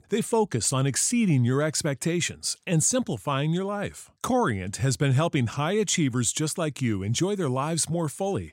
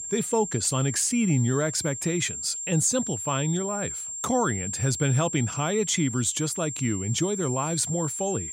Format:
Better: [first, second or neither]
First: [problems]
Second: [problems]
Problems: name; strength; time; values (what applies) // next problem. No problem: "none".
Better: first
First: none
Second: high-pitched whine; loud; throughout; 7.5 kHz, 6 dB below the speech